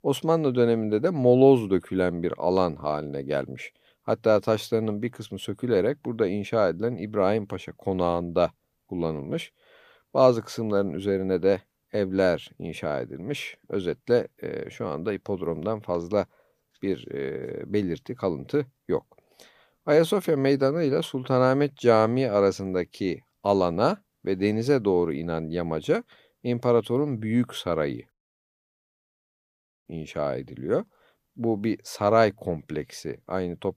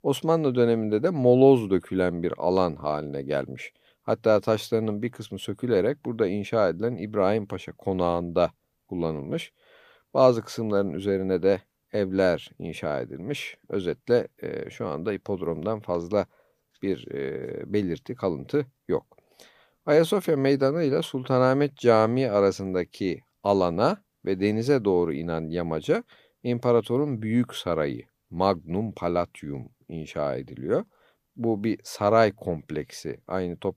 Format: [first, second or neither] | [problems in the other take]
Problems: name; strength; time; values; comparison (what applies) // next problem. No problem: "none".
second | audio cutting out; at 28 s for 1.5 s